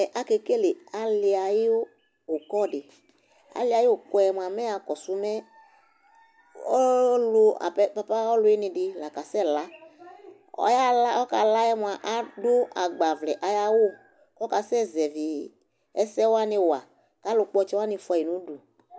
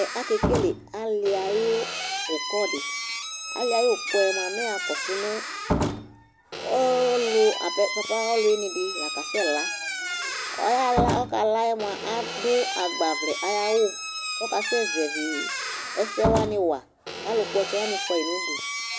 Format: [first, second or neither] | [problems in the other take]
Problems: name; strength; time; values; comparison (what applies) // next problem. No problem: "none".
first | background sound (Squeak / Slam); 4 dB below the speech